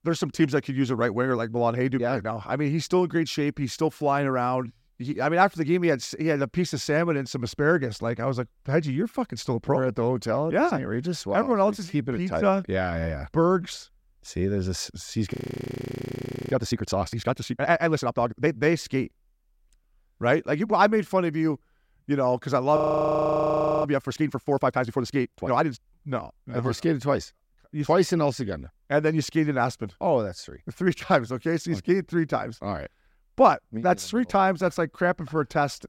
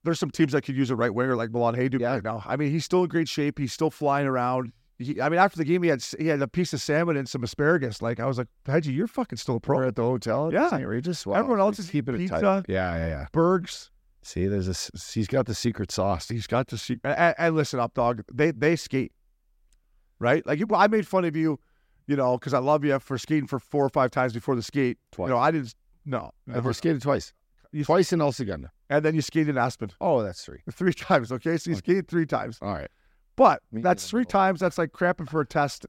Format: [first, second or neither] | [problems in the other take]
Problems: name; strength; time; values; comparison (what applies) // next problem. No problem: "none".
second | audio freezing; at 15 s for 1 s and at 23 s for 1 s